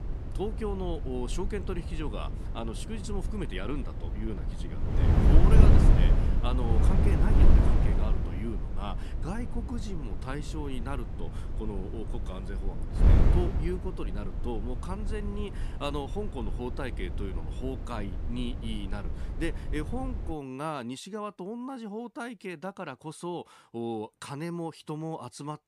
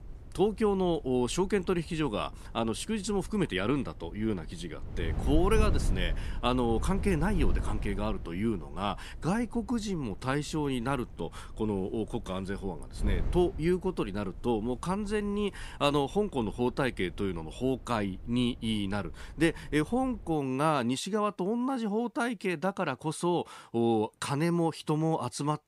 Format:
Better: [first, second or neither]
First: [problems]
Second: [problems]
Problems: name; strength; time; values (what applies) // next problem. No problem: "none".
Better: second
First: wind noise on the microphone; heavy; until 20 s; 2 dB below the speech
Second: wind noise on the microphone; occasional gusts; until 20 s; 20 dB below the speech